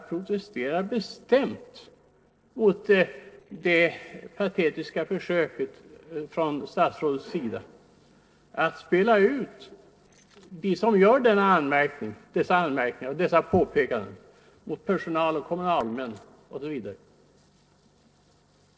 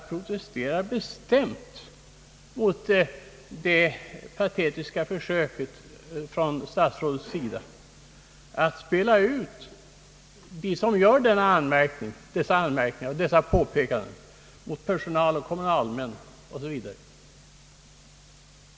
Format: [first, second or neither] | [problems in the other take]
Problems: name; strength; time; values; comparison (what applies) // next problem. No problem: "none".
second | noise reduction (neural separator model SepFormer DNS4)